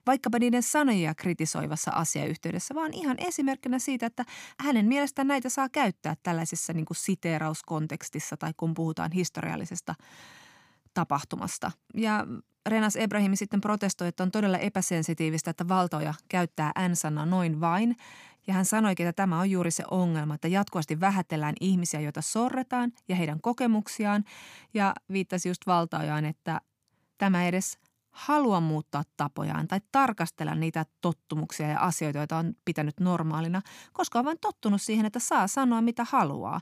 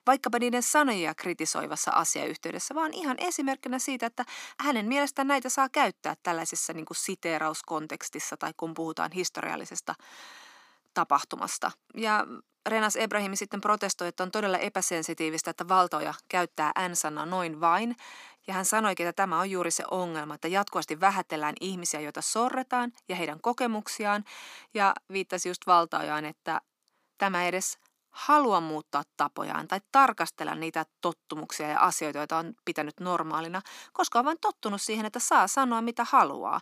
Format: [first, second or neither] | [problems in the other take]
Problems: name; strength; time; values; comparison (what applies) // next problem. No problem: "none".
first | thin; somewhat; fading below 300 Hz